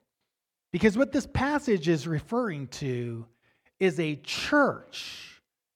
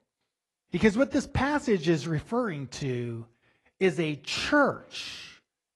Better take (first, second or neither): first